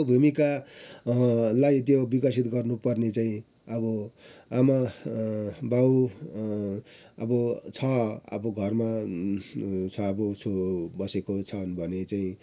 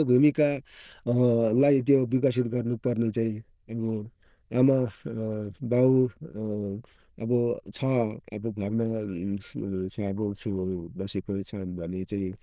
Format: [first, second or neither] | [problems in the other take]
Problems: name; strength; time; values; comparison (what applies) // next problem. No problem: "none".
first | noise reduction (neural diffusion model UNIVERSE++)